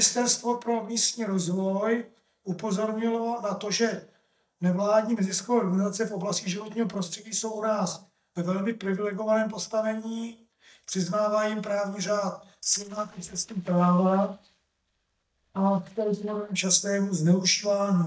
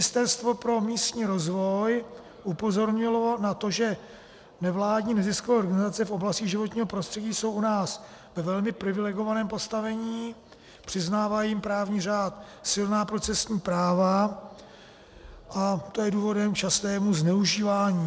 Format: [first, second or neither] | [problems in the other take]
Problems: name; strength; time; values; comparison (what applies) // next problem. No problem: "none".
second | noise reduction (neural mask model DeepFilterNet 3)